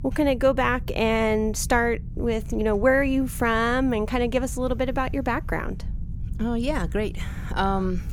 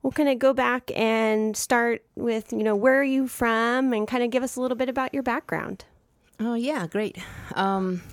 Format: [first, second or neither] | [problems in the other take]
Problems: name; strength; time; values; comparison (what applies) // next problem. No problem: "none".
second | low rumble; faint; throughout; 25 dB below the speech